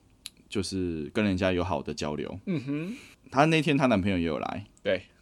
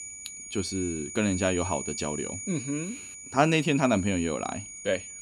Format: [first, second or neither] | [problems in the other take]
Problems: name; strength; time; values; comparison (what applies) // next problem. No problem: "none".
first | high-pitched whine; loud; throughout; 7 kHz, 9 dB below the speech